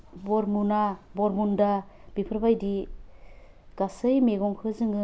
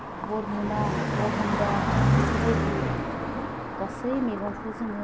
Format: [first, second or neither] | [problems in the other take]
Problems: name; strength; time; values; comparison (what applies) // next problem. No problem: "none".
first | background sound (Car passing by); 4 dB above the speech